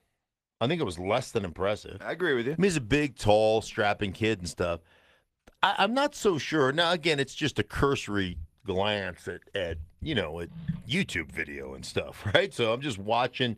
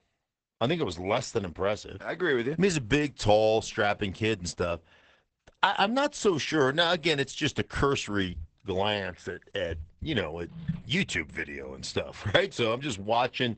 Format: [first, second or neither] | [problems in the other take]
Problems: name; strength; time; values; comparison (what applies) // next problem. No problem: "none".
first | garbled, watery; badly; nothing above 8 kHz; slightly in the first